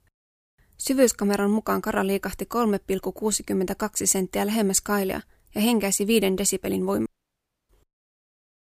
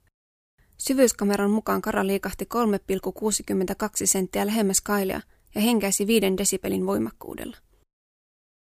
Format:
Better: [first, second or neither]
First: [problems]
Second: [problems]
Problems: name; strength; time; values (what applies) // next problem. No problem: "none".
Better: second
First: audio cutting out; at 7 s for 0.5 s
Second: none